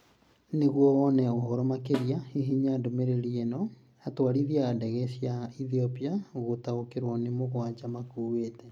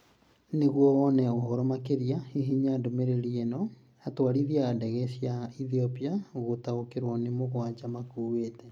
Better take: second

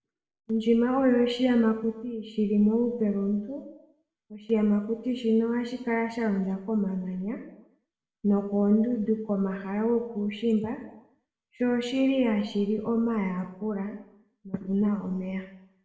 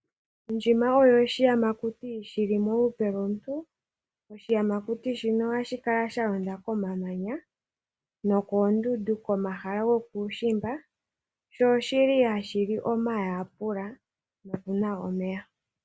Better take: second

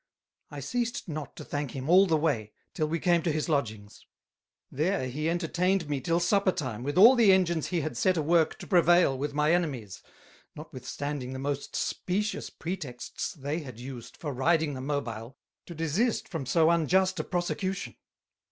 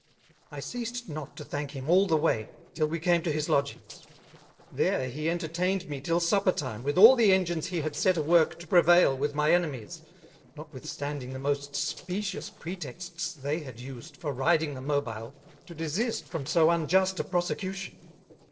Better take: first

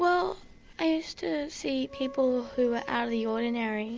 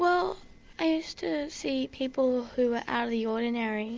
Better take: second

